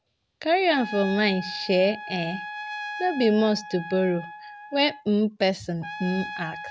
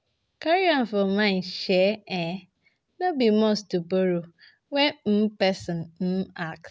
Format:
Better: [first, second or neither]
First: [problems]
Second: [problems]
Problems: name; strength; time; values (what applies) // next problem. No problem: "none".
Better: second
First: background sound (Trumpet); 12 dB below the speech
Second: none